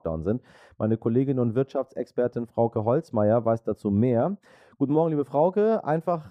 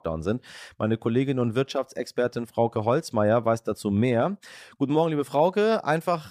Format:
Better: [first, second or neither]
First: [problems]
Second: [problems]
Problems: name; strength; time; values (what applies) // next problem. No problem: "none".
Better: second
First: muffled; very; fading above 1.5 kHz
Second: none